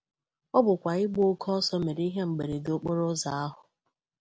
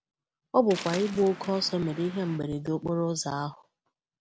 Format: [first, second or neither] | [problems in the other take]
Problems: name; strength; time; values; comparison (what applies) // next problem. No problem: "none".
first | background sound (Waves, surf); 15 dB below the speech